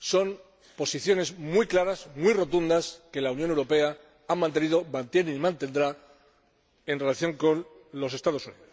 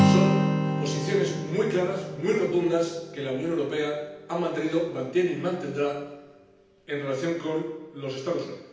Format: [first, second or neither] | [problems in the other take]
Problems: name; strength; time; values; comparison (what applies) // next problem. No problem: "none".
first | background sound (Acoustic guitar); 2 dB below the speech // room echo; dies away in 0.9 s